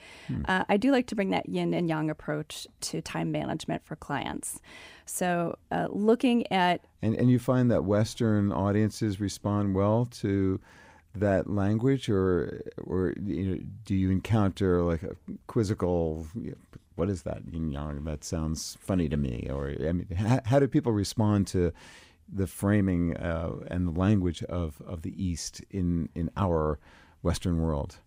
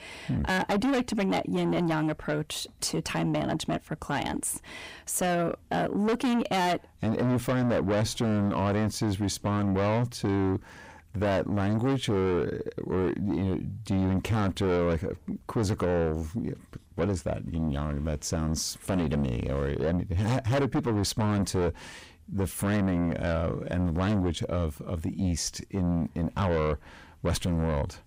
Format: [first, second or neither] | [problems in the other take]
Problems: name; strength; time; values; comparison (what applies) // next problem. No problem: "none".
first | distortion; heavy; 6 dB below the speech